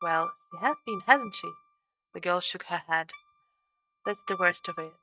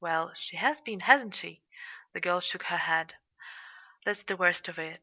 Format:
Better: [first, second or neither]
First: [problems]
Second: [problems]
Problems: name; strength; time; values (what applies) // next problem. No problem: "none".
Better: second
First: noise reduction (neural mask model RNNoise)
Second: none